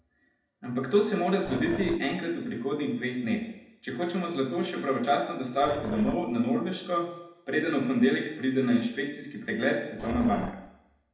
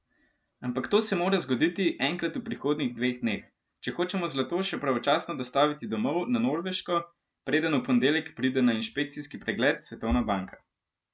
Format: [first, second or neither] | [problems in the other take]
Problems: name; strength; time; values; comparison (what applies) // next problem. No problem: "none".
second | background sound (Growling); 11 dB below the speech // room echo; dies away in 0.8 s